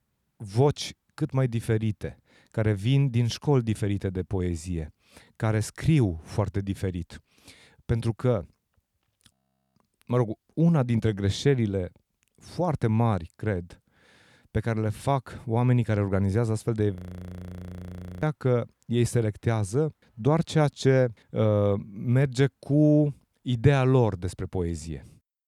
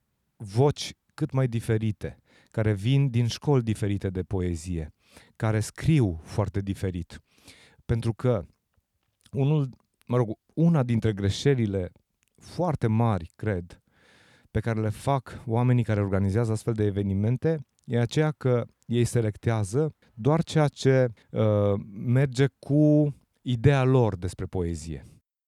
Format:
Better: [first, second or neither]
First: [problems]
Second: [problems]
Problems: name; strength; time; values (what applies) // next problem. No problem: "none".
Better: second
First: audio freezing; at 9.5 s and at 17 s for 1.5 s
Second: none